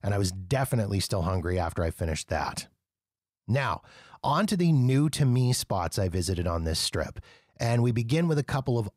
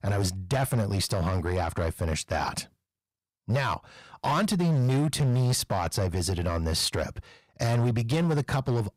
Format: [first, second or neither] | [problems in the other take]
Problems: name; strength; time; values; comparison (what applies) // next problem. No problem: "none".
first | distortion; slight; 12% of the sound clipped